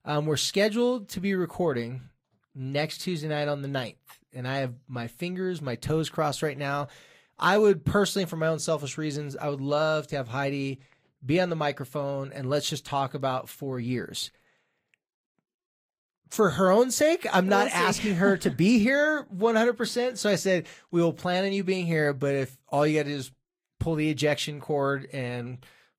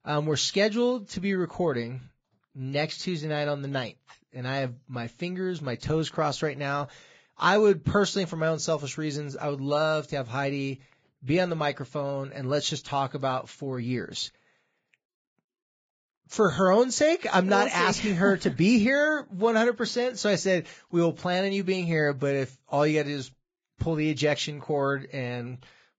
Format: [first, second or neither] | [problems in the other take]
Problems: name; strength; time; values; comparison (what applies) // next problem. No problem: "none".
first | garbled, watery; badly; nothing above 7.5 kHz; slightly in the first